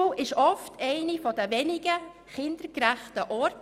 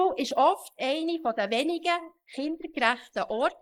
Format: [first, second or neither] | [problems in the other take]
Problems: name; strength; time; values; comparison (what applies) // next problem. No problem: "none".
first | noise reduction (neural mask model Resemble Enhance denoiser)